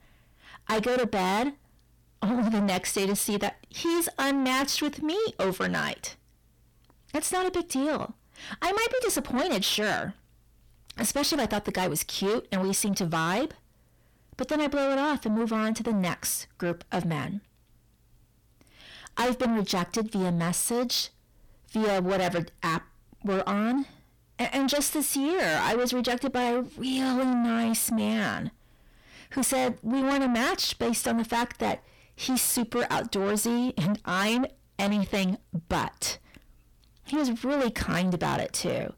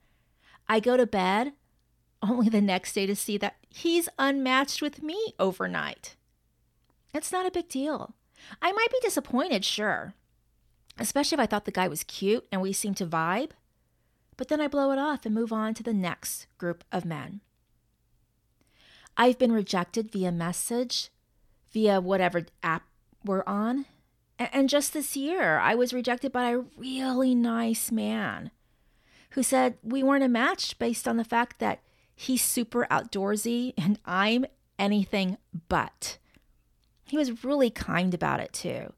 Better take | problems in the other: second | distortion; heavy; 6 dB below the speech

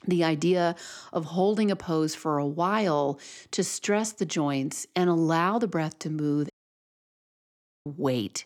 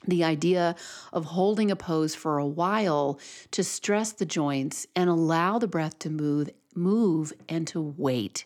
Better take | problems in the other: second | audio cutting out; at 6.5 s for 1.5 s

